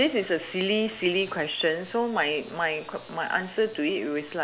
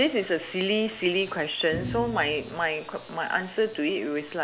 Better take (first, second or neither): first